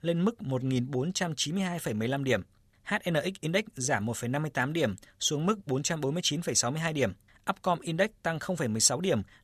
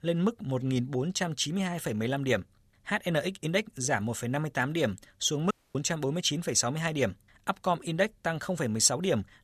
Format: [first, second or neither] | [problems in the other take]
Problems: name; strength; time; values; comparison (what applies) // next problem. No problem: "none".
first | audio cutting out; at 5.5 s